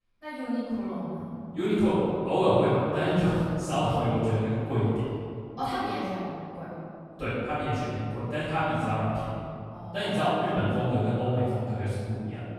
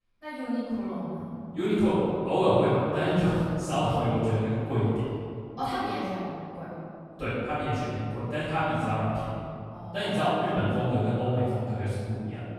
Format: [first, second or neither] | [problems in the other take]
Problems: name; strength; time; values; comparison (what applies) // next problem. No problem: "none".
neither | off-mic speech; far; the same in both // room echo; strong; dies away in 2.4 s; the same in both